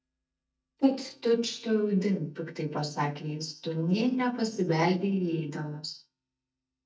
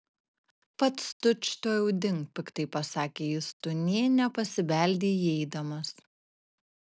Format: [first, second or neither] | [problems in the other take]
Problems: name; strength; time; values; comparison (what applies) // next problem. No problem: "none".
second | noise reduction (neural mask model DeepFilterNet 3)